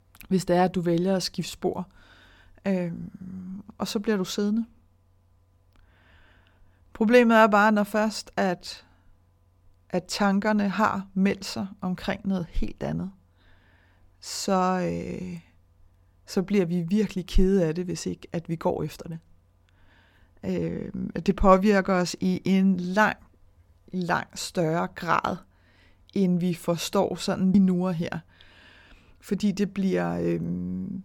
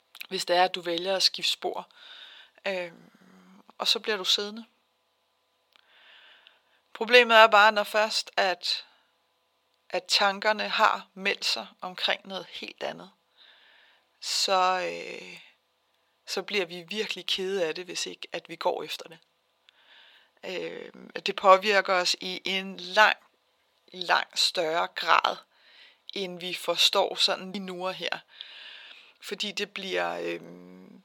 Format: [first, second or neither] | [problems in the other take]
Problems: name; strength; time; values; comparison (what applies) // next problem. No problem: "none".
first | thin; very; fading below 600 Hz